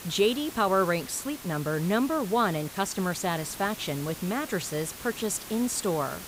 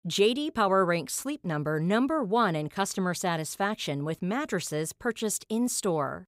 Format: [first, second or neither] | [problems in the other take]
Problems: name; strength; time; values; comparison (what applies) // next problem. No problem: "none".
second | hiss; noticeable; throughout; 10 dB below the speech